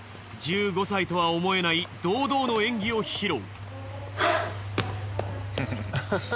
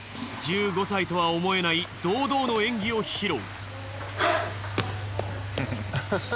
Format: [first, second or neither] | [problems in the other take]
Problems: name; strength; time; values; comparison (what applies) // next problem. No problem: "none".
first | background sound (Toilet flush / Water); 14 dB below the speech